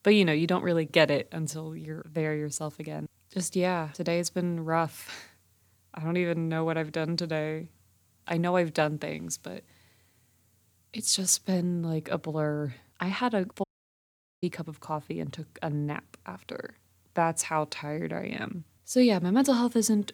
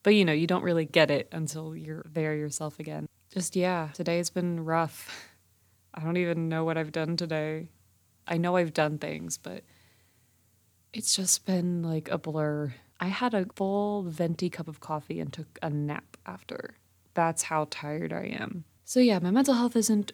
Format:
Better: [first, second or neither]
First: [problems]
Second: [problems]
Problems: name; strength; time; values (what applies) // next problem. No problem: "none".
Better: second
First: audio cutting out; at 14 s for 1 s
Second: none